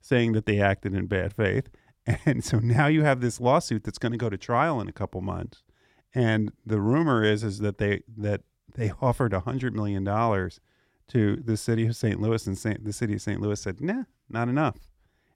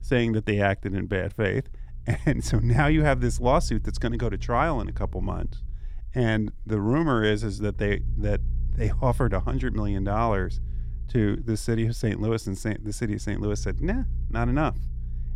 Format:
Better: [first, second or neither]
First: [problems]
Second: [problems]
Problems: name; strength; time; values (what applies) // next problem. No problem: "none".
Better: first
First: none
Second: low rumble; faint; throughout; 25 dB below the speech